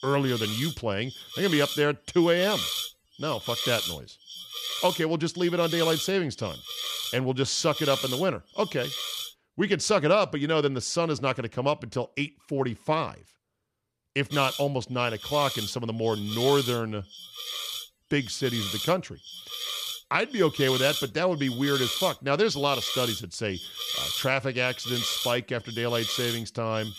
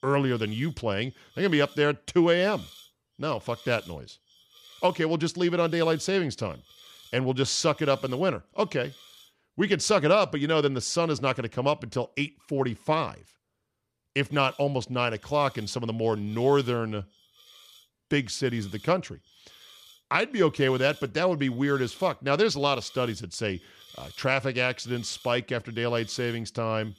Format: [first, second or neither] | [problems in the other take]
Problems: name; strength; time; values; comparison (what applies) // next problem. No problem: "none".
second | hiss; loud; until 9.5 s and from 14 s on; 5 dB below the speech; faint in the second